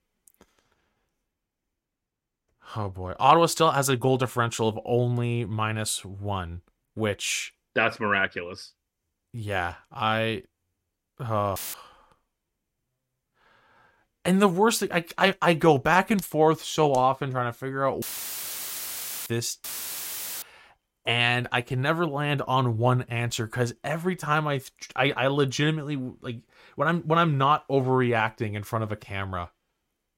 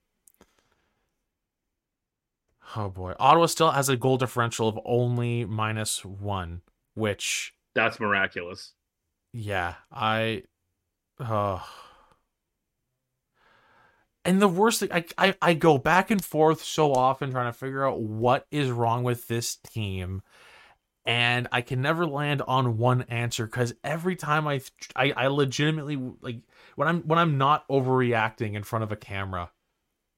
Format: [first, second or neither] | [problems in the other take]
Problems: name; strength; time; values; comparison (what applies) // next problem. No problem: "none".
second | audio cutting out; filled with static; at 12 s, at 18 s for 1 s and at 20 s for 1 s